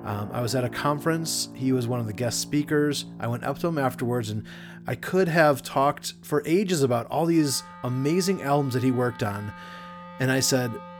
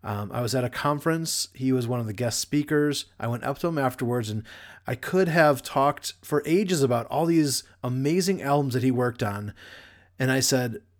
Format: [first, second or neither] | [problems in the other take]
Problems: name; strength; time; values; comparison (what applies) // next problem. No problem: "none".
second | background music; noticeable; throughout; 15 dB below the speech